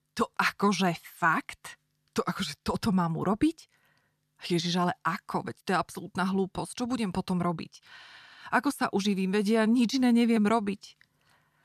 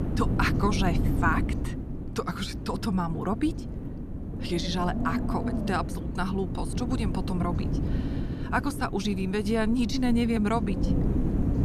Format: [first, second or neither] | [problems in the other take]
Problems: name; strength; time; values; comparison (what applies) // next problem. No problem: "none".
first | wind noise on the microphone; heavy; 8 dB below the speech